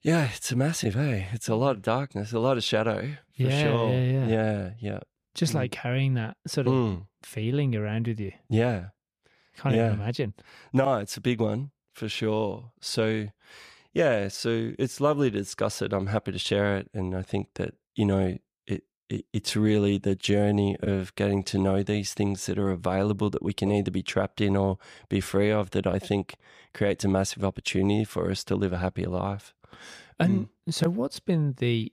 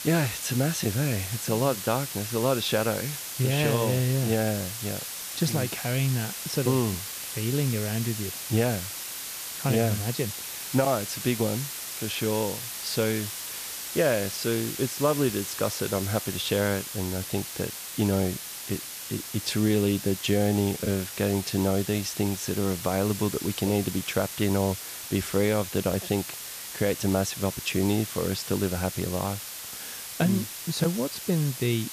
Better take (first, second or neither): first